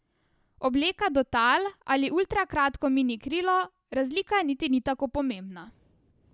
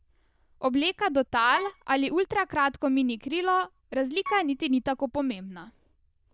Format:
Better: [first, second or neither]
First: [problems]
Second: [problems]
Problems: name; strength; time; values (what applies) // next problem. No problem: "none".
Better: first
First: none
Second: noise reduction (neural diffusion model UNIVERSE++)